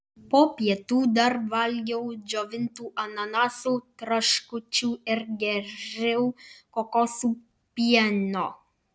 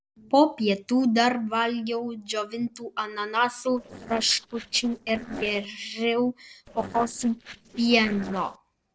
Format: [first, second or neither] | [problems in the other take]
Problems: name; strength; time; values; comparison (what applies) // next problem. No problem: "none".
first | noise reduction (neural separator model SepFormer DNS4)